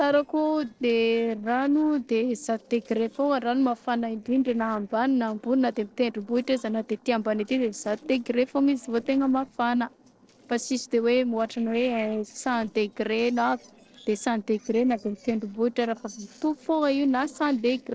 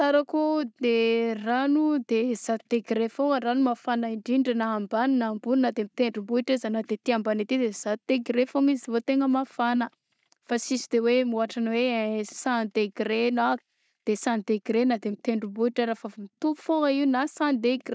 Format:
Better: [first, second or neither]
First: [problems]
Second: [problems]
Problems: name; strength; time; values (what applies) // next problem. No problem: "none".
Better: second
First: noise reduction (neural separator model SepFormer DNS4)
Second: none